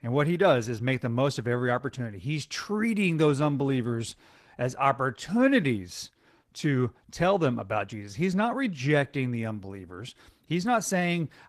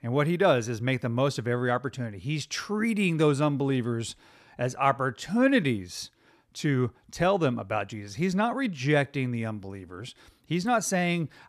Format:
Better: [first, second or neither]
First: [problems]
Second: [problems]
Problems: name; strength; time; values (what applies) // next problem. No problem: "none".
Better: second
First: garbled, watery; slightly; nothing above 14 kHz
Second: none